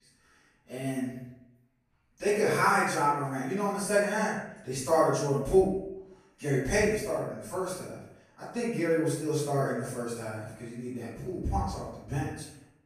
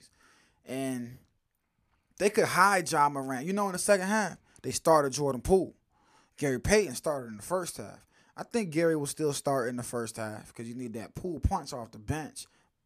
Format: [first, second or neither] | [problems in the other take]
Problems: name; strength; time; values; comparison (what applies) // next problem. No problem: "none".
second | off-mic speech; far // room echo; strong; dies away in 0.7 s